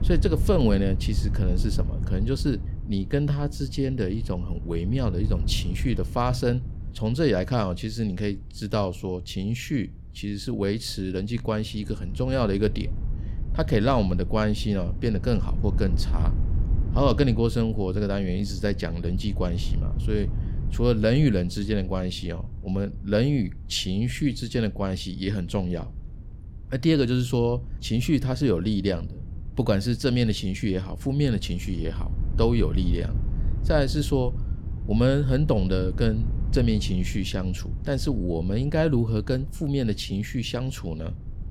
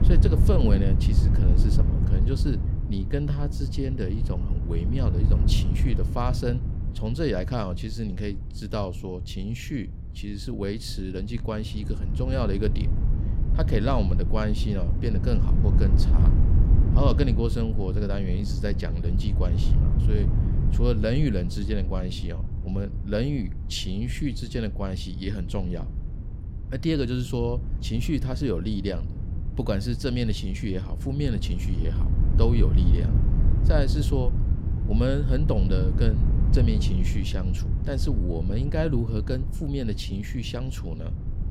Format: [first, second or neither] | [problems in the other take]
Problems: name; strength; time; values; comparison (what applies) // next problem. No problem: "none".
first | wind noise on the microphone; heavy; 7 dB below the speech; occasional gusts in the first